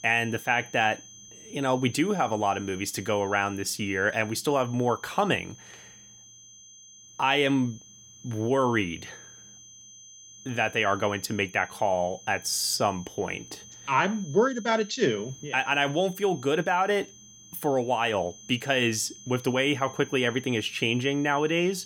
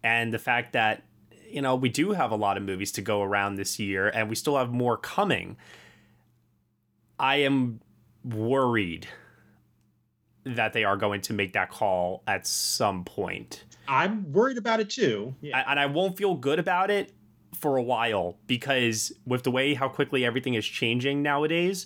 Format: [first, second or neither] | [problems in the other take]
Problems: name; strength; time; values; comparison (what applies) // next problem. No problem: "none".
second | high-pitched whine; noticeable; throughout; 6.5 kHz, 20 dB below the speech